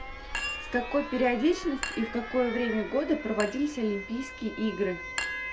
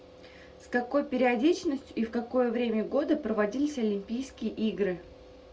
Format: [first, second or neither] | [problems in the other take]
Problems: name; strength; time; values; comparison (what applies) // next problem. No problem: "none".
second | background sound (Alarm + Chink, clink); 8 dB below the speech